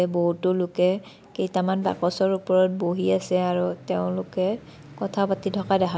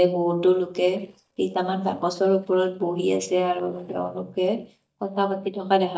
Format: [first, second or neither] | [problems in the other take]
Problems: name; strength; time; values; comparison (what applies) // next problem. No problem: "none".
first | noise reduction (neural mask model DeepFilterNet 3)